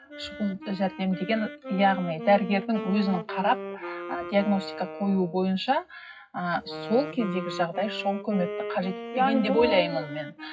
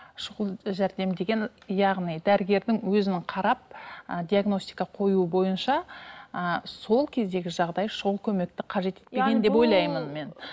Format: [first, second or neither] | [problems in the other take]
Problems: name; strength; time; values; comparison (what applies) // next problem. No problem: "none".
second | noise reduction (classical method WPE with log-MMSE)